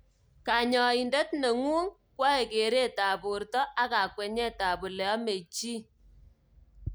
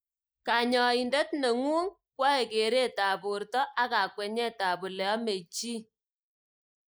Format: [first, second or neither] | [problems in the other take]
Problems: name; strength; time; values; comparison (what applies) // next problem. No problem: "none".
first | noise reduction (neural mask model Resemble Enhance denoiser)